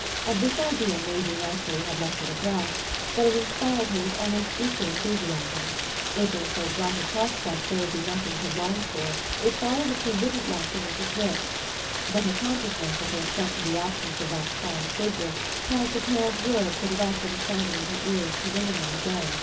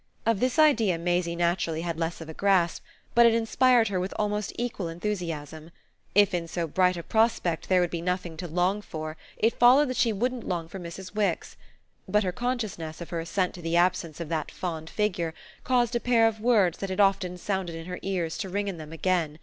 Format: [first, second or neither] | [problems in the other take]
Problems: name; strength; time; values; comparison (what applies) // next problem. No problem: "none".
second | background sound (Rain); 1 dB below the speech // room echo; dies away in 0.3 s